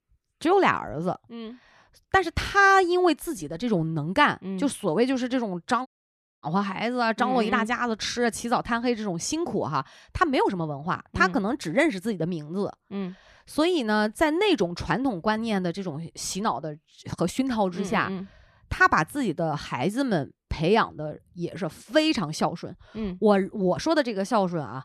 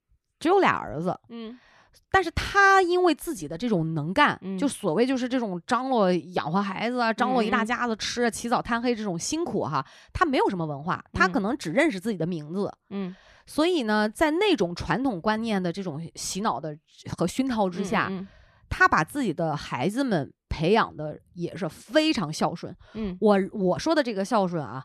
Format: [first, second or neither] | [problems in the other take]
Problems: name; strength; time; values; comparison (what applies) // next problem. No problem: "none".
second | audio cutting out; at 6 s for 0.5 s